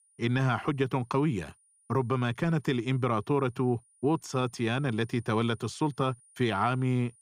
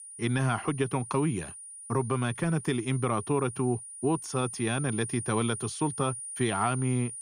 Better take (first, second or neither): first